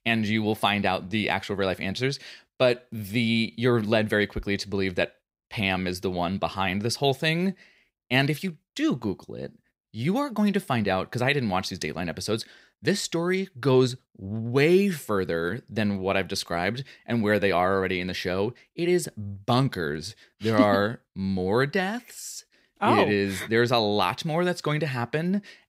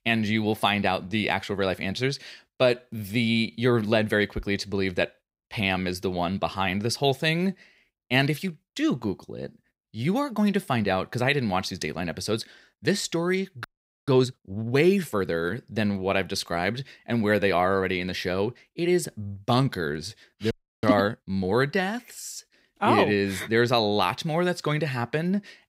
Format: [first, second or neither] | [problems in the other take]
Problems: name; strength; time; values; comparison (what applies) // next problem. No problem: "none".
first | audio freezing; at 14 s and at 21 s